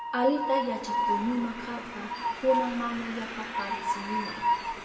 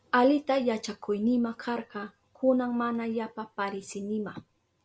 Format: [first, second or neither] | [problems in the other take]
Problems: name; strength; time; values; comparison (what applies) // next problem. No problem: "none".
second | background sound (Train); as loud as the speech // room echo; dies away in 2.1 s